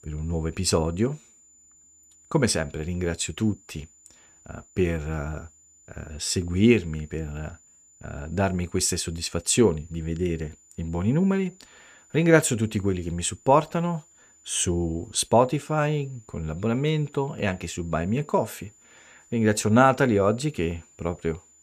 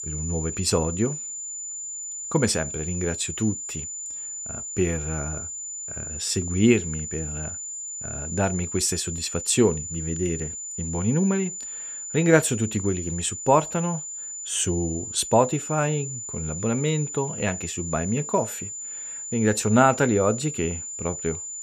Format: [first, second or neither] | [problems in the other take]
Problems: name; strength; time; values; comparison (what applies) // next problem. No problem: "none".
first | high-pitched whine; loud; throughout; 7 kHz, 7 dB below the speech; faint in the first